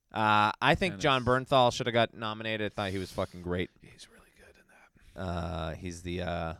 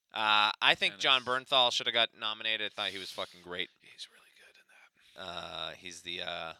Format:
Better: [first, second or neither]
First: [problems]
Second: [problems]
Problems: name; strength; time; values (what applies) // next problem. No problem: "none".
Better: first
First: none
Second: thin; somewhat; fading below 950 Hz